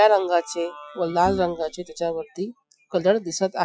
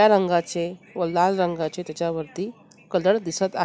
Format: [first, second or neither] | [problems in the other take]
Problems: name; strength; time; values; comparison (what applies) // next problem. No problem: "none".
second | noise reduction (classical method Wiener filter)